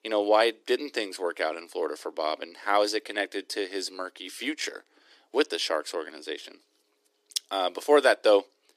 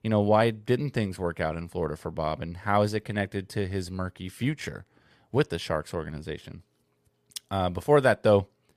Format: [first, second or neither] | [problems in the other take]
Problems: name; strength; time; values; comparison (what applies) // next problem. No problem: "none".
second | thin; somewhat; fading below 300 Hz